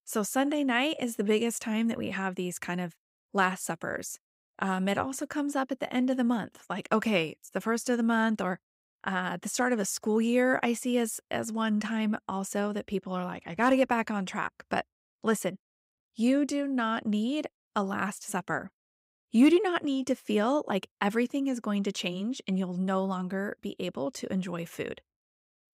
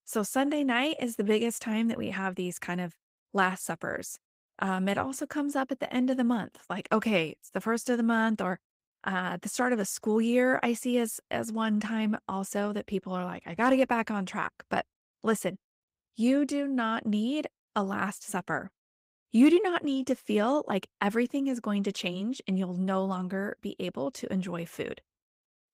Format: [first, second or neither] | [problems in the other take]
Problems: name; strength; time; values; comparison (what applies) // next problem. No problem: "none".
first | garbled, watery; slightly; nothing above 15.5 kHz